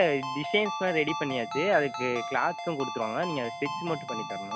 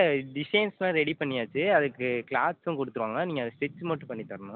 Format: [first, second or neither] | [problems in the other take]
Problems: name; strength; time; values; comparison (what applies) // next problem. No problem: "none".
second | background sound (Ringtone); 7 dB below the speech